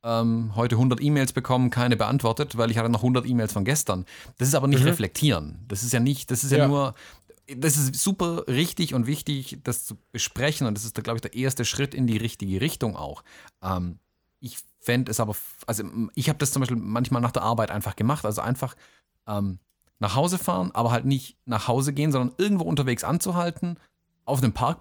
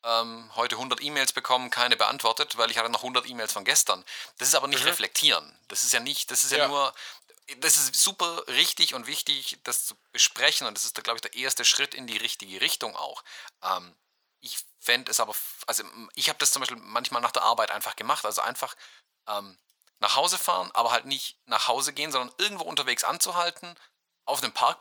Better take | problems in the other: first | thin; very; fading below 850 Hz

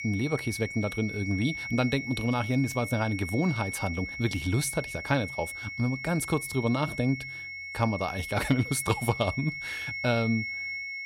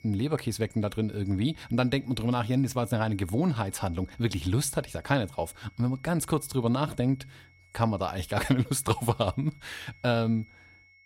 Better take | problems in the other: second | high-pitched whine; loud; throughout; 2 kHz, 6 dB below the speech; faint in the second

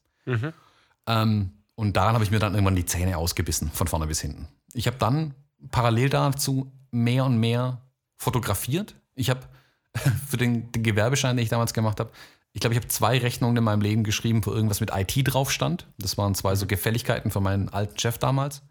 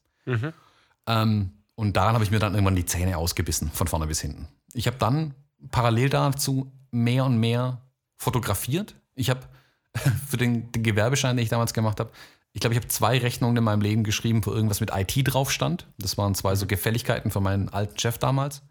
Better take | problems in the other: neither | none

